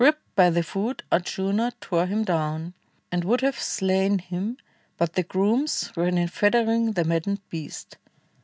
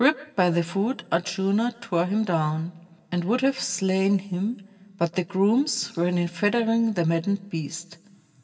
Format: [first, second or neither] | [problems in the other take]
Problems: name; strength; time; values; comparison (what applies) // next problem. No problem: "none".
first | room echo; dies away in 1.1 s